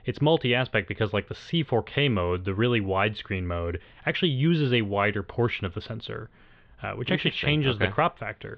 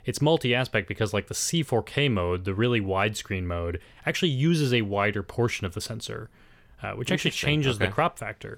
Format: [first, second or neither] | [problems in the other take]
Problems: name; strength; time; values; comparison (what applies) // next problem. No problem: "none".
second | muffled; very; fading above 3.5 kHz